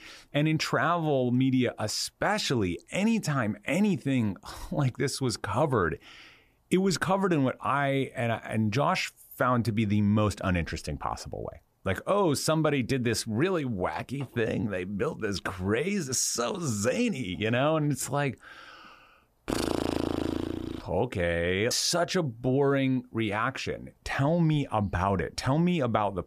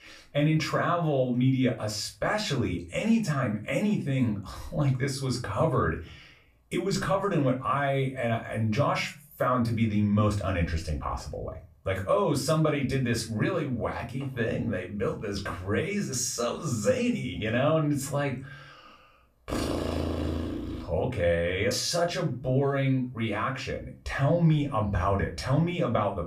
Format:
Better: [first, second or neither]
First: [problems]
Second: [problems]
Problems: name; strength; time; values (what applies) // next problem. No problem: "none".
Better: first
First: none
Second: off-mic speech; somewhat distant // room echo; very slight; dies away in 0.3 s